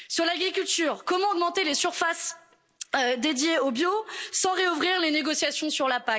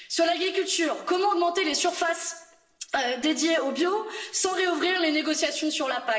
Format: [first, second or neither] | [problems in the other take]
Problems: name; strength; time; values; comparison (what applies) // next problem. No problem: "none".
first | room echo; dies away in 0.8 s